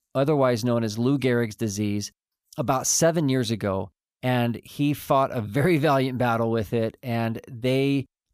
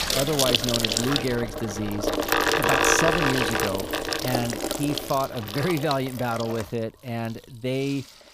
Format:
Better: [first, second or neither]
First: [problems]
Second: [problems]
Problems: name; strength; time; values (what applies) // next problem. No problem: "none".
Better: first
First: none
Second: household noises; very loud; throughout; 3 dB above the speech